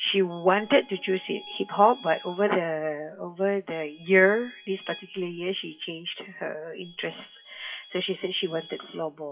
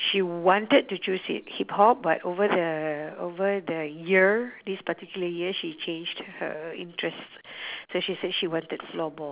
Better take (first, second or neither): second